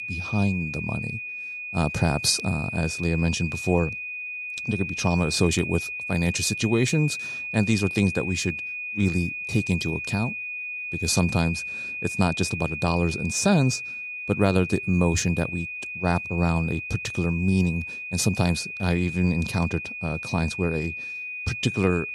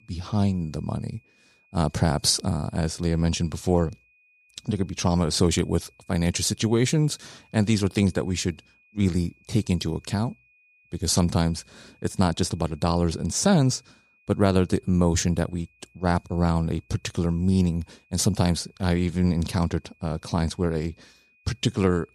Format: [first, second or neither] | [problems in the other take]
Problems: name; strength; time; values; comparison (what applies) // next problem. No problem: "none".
second | high-pitched whine; loud; throughout; 2.5 kHz, 6 dB below the speech; faint in the second